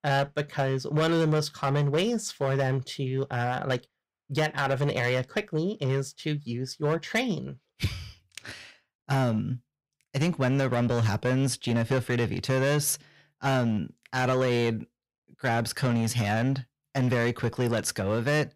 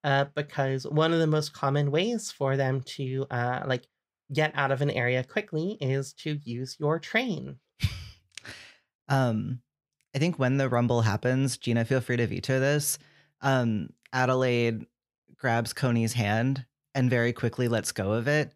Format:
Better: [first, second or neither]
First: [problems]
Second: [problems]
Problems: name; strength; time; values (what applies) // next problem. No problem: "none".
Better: second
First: distortion; slight; 8% of the sound clipped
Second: none